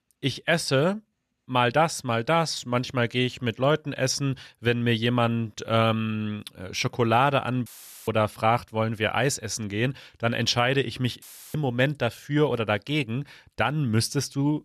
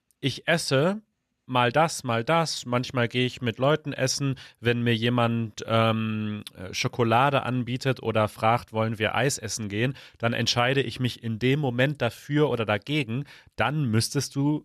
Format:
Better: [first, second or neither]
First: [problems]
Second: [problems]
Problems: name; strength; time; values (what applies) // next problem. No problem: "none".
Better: second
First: audio cutting out; filled with static; at 7.5 s and at 11 s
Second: none